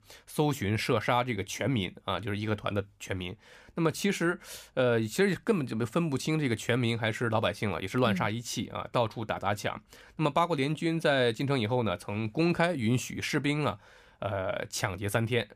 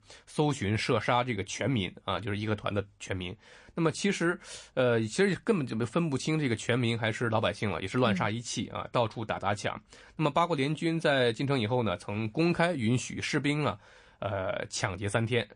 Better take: first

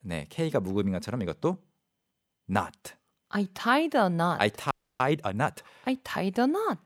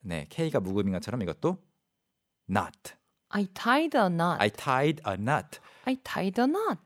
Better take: second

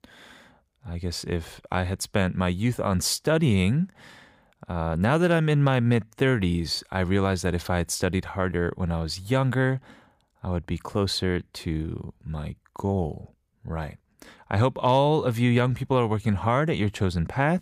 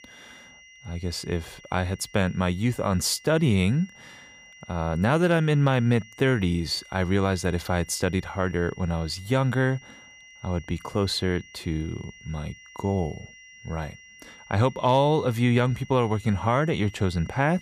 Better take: first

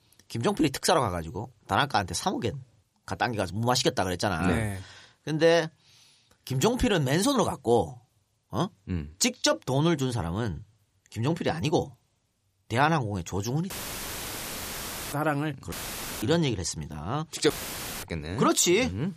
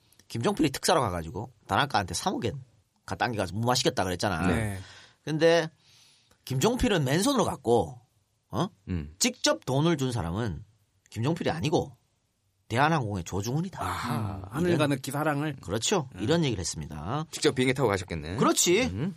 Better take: second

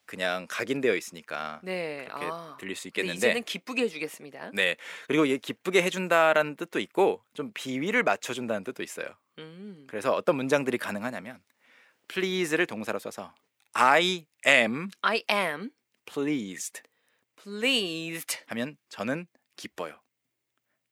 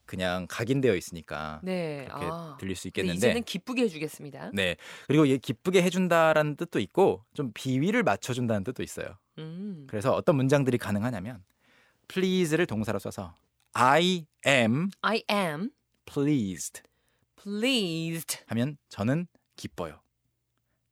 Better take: second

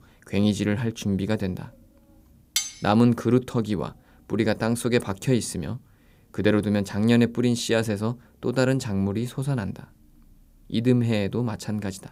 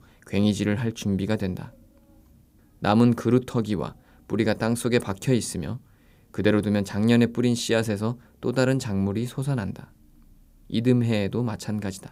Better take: second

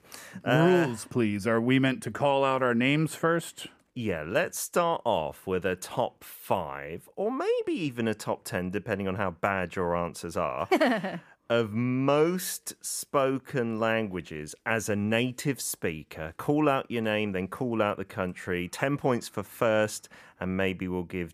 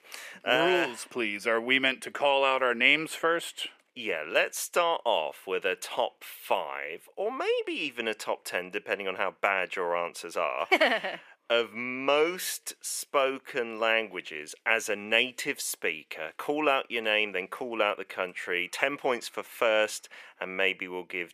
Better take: first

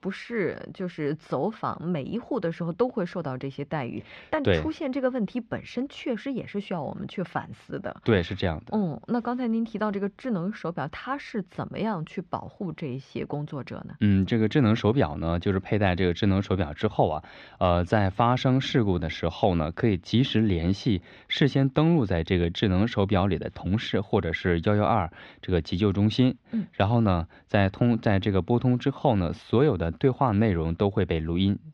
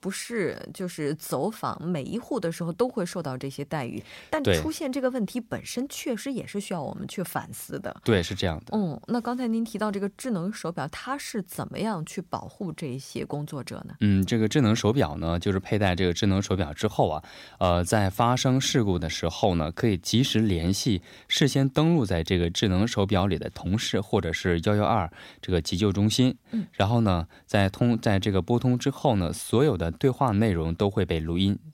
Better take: second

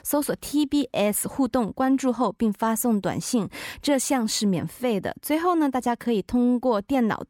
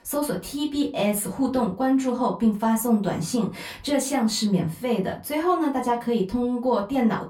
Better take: first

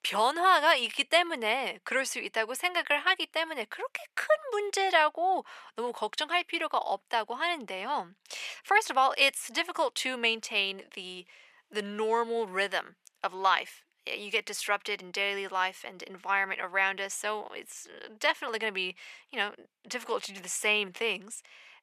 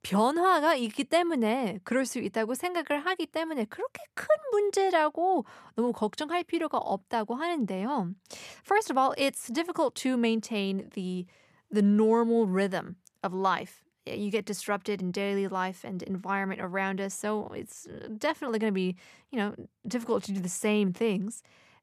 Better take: second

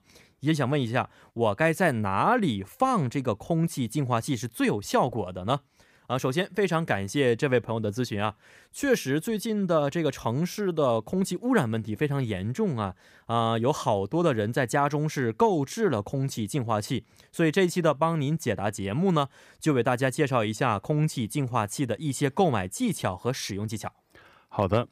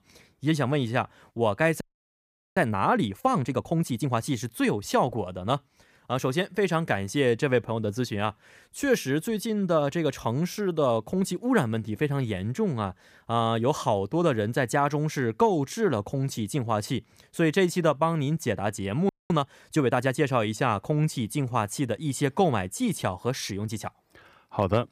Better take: first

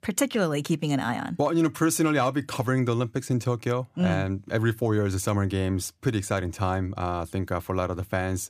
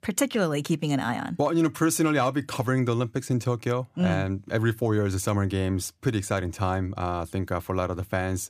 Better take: neither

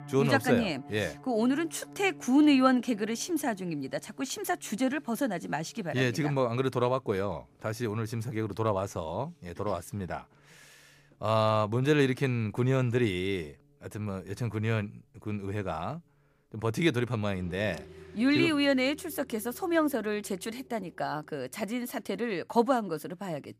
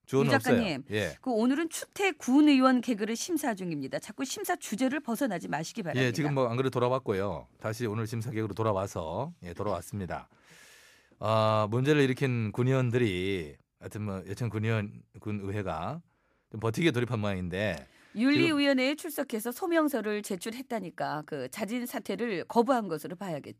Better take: second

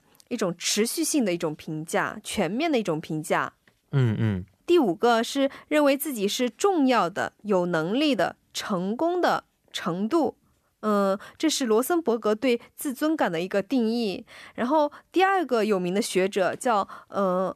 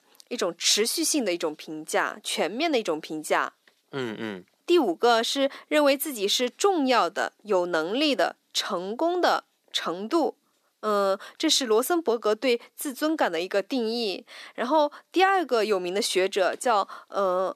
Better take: first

